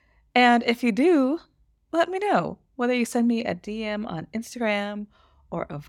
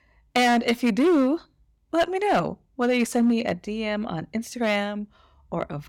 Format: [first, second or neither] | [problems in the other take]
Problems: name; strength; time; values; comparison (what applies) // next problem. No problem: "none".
first | distortion; slight; 6% of the sound clipped